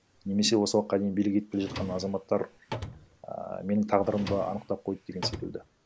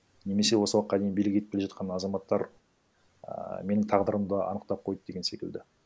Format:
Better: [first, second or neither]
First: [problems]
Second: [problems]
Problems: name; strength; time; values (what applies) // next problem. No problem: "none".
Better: second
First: background sound (Drawer open or close); 11 dB below the speech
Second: none